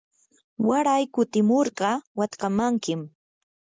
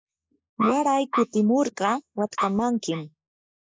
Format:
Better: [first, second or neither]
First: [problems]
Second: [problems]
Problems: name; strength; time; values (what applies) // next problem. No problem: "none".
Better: first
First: none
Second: noise reduction (neural mask model Resemble Enhance denoiser)